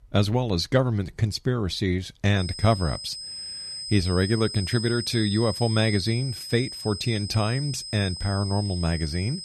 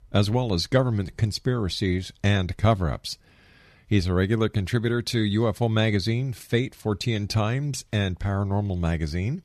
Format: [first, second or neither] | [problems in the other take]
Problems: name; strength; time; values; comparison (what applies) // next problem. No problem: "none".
second | high-pitched whine; loud; from 2.5 s on; 5 kHz, 8 dB below the speech